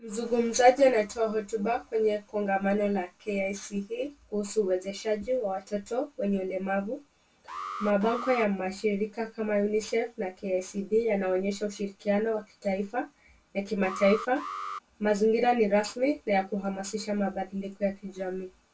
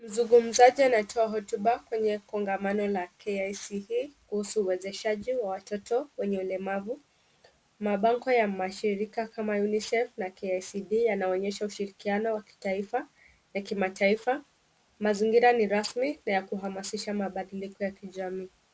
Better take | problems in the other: second | background sound (Alarm); 11 dB below the speech // room echo; dies away in 0.1 s

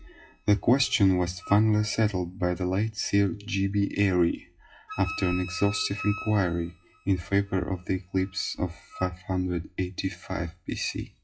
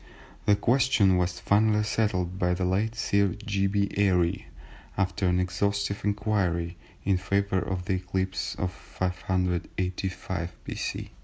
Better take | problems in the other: second | noise reduction (classical method WPE with log-MMSE)

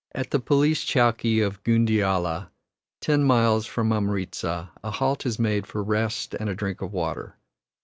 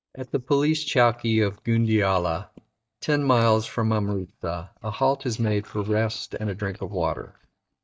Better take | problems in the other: first | noise reduction (neural mask model DeepFilterNet 3)

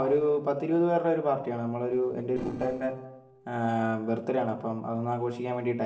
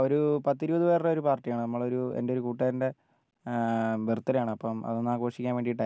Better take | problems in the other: second | noise reduction (neural separator model SepFormer DNS4)

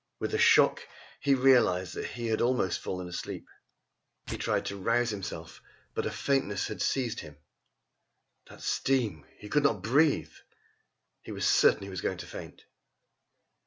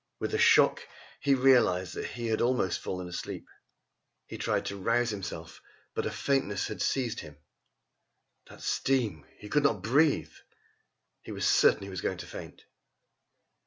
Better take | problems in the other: second | background sound (Tearing); 18 dB below the speech

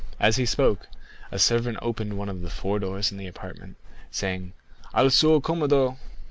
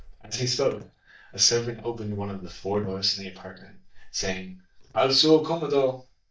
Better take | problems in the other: first | noise reduction (neural mask model DeepFilterNet 3)

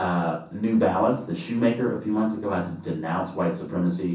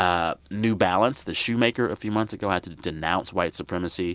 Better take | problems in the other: second | room echo; dies away in 0.6 s

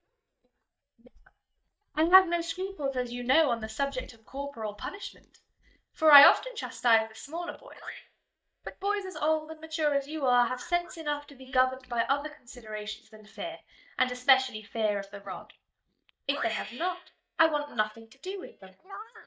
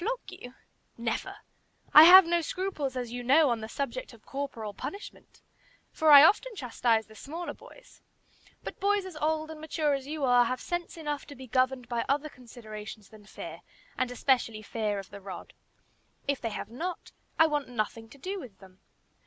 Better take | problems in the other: second | noise reduction (neural mask model DeepFilterNet 3)

